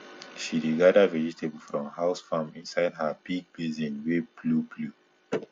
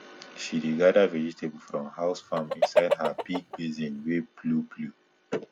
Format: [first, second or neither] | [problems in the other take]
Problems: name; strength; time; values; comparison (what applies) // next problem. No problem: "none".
first | background sound (Chicken, rooster); 1 dB below the speech